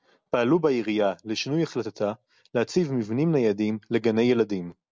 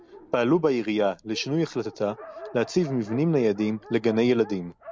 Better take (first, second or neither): first